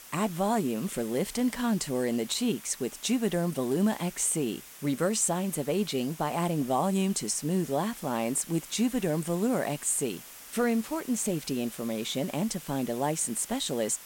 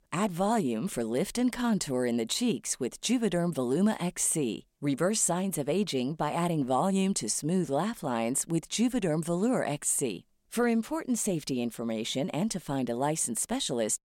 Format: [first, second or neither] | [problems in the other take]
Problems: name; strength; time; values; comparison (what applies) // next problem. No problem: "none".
second | hiss; noticeable; throughout; 15 dB below the speech